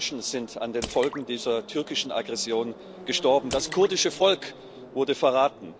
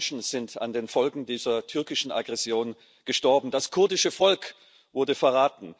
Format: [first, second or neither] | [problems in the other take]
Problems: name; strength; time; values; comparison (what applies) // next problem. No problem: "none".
second | background sound (Drip / Splash, splatter + Subway, metro, underground); 15 dB below the speech